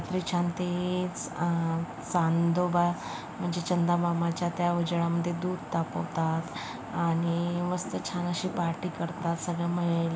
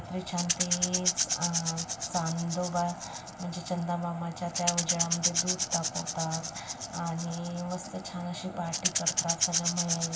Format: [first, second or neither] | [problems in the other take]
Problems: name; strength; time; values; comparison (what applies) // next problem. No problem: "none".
first | background sound (Rattle / Rattle (instrument)); as loud as the speech // room echo; dies away in 0.7 s